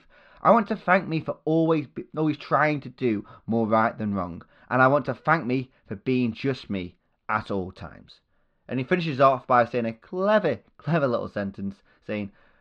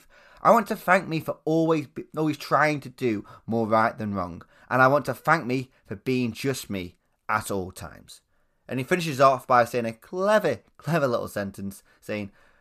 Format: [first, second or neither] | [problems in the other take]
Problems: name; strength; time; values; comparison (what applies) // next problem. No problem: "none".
second | muffled; very slightly; fading above 4 kHz